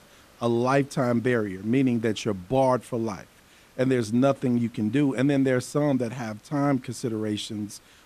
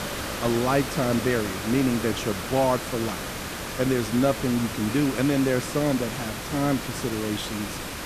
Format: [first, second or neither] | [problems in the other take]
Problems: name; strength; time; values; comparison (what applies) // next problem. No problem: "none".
first | hiss; loud; throughout; 6 dB below the speech; faint in the first